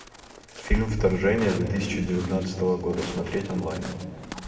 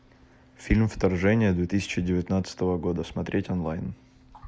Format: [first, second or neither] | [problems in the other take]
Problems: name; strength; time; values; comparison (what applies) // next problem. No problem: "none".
second | background sound (Walk, footsteps); 16 dB below the speech // room echo; dies away in 2.1 s